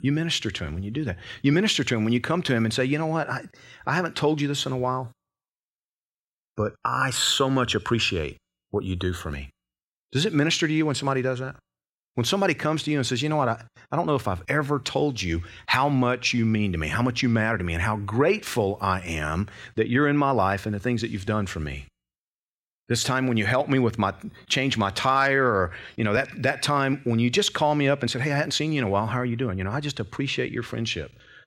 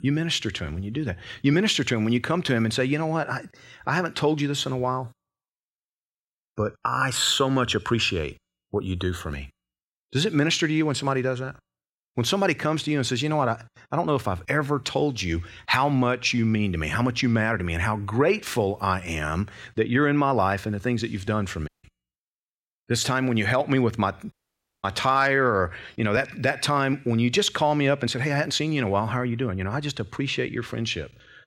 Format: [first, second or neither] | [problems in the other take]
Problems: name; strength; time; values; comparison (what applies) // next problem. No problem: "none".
first | audio cutting out; at 22 s and at 24 s for 0.5 s